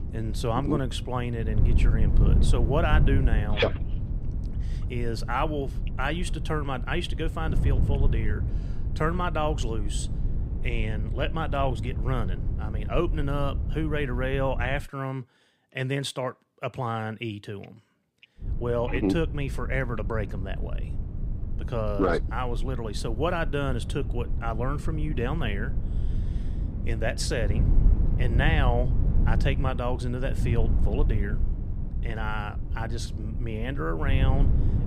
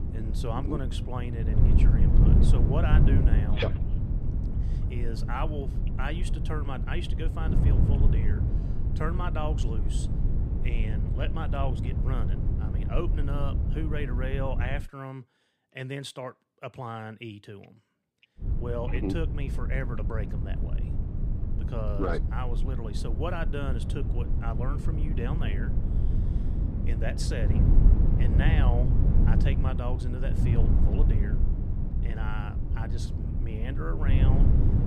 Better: first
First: wind noise on the microphone; occasional gusts; until 15 s and from 18 s on; 10 dB below the speech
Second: wind noise on the microphone; heavy; until 15 s and from 18 s on; 3 dB below the speech

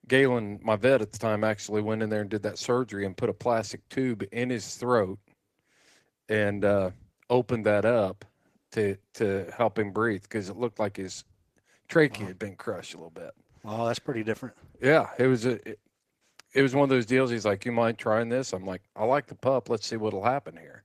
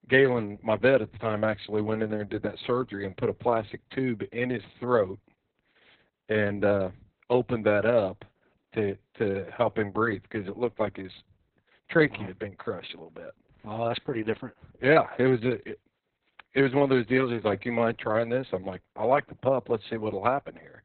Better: first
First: garbled, watery; slightly; nothing above 14.5 kHz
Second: garbled, watery; badly; nothing above 4 kHz

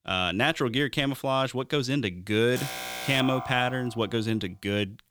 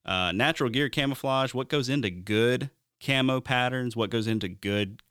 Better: second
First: alarm; noticeable; from 2.5 to 4 s; peak 6 dB below the speech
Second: none

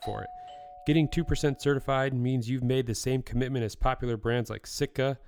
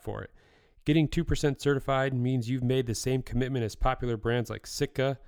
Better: second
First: doorbell; faint; until 1.5 s; peak 10 dB below the speech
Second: none

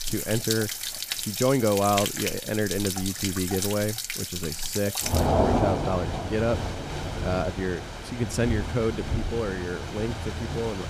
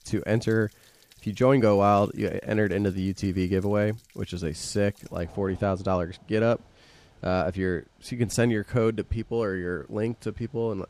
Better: second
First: rain or running water; loud; throughout; 1 dB below the speech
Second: rain or running water; faint; throughout; 30 dB below the speech

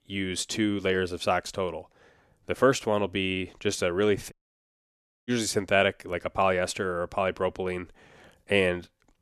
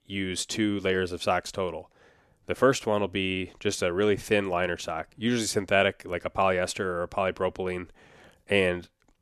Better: second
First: audio cutting out; at 4.5 s for 1 s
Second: none

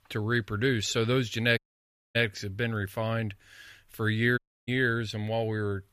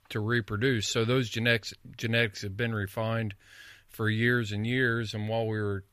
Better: second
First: audio cutting out; at 1.5 s for 0.5 s and at 4.5 s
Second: none

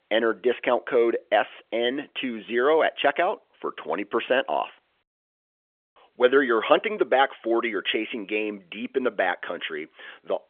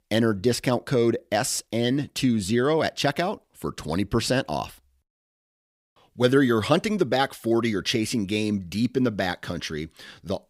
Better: second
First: phone-call audio; nothing above 3.5 kHz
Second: none

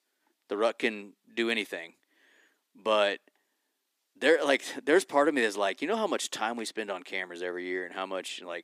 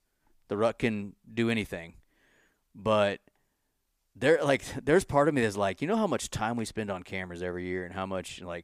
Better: second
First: thin; very slightly; fading below 300 Hz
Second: none

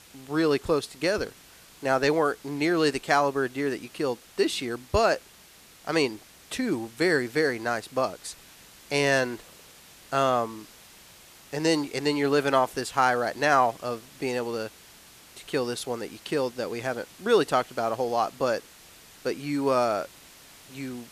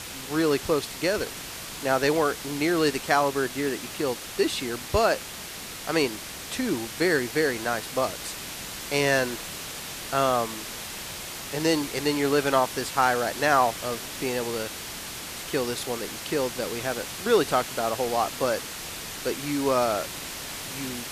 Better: first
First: hiss; faint; throughout; 20 dB below the speech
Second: hiss; loud; throughout; 8 dB below the speech

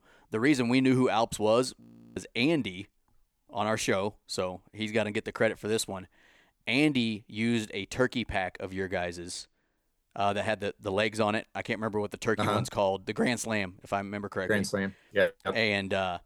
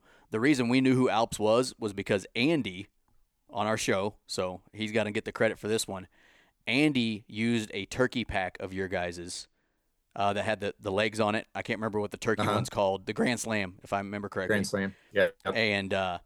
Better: second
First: audio freezing; at 2 s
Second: none

